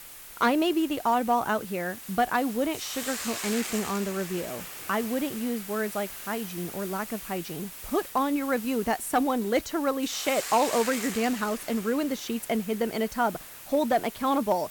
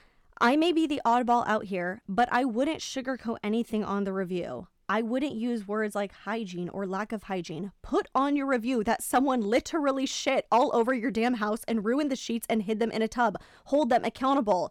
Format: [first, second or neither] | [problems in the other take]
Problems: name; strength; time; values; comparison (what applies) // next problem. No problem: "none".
second | hiss; loud; throughout; 9 dB below the speech